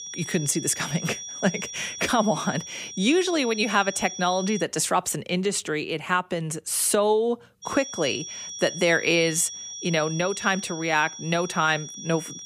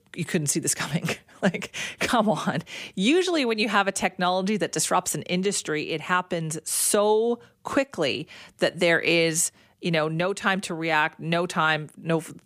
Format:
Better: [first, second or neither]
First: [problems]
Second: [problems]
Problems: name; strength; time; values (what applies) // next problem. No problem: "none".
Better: second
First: high-pitched whine; loud; until 4.5 s and from 7.5 s on; 5.5 kHz, 10 dB below the speech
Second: none